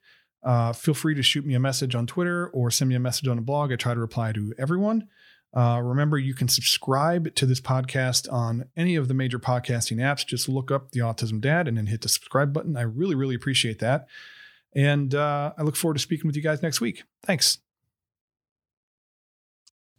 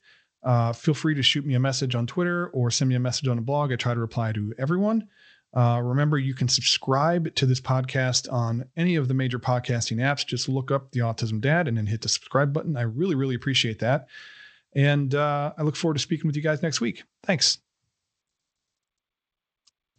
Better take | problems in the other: first | garbled, watery; slightly; nothing above 8 kHz

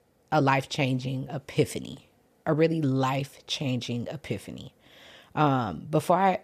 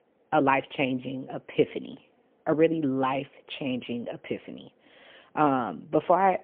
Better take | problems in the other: first | phone-call audio; poor line; nothing above 3 kHz

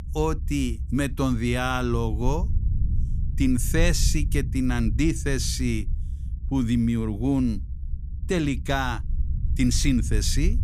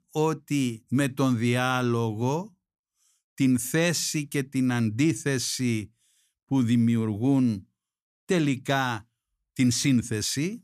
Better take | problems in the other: second | low rumble; noticeable; throughout; 20 dB below the speech

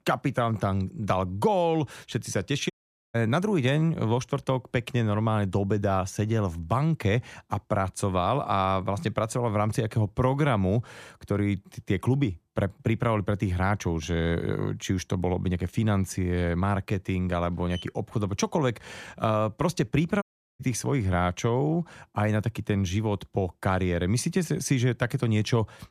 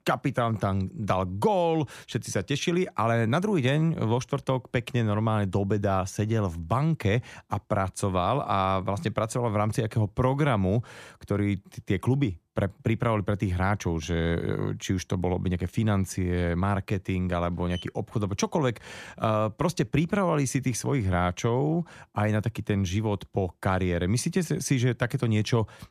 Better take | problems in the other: second | audio cutting out; at 2.5 s and at 20 s

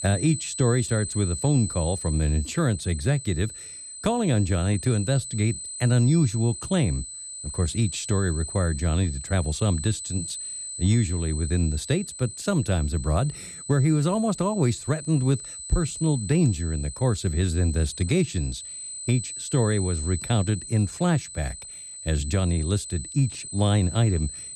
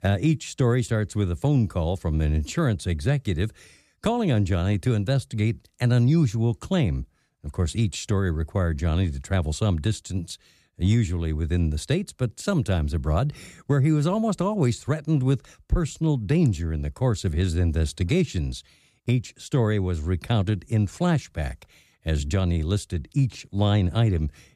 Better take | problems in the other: second | high-pitched whine; loud; throughout; 8 kHz, 9 dB below the speech

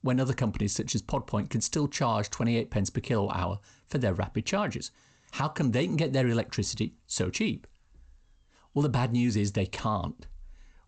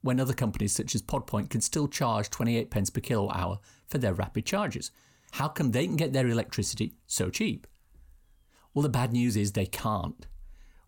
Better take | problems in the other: second | garbled, watery; slightly; nothing above 8 kHz

